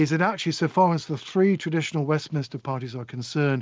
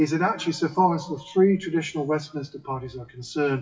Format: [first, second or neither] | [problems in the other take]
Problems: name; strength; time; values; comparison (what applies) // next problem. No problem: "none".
first | noise reduction (classical method WPE with log-MMSE)